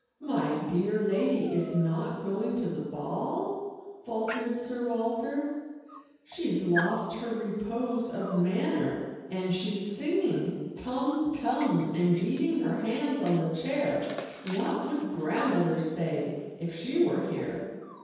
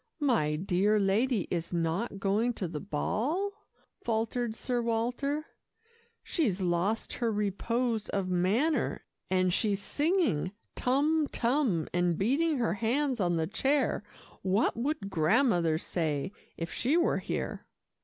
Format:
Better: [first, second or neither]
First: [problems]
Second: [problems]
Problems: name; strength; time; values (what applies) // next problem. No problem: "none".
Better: second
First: background sound (Dog); 16 dB below the speech // room echo; dies away in 1.2 s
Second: none